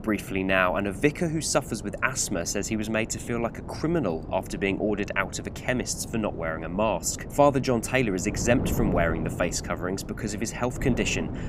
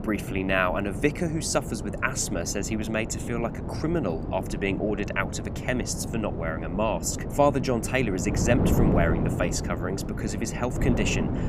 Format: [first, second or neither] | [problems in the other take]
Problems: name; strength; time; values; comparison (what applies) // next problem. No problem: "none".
first | wind noise on the microphone; heavy; 8 dB below the speech; occasional gusts in the first